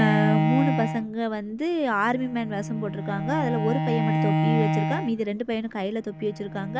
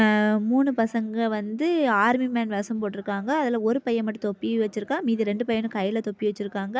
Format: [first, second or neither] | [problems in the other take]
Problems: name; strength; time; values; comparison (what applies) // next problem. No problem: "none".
second | background sound (Bowed string instrument); as loud as the speech